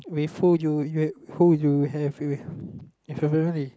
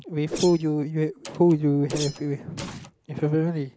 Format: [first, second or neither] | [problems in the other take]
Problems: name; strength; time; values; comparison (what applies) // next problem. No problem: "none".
first | background sound (Whoosh, swoosh, swish + Door); 14 dB below the speech